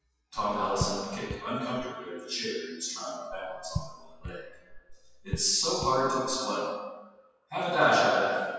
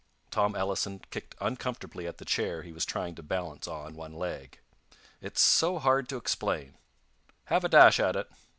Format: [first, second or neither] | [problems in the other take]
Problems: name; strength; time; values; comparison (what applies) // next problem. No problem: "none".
second | noise reduction (classical method WPE with log-MMSE)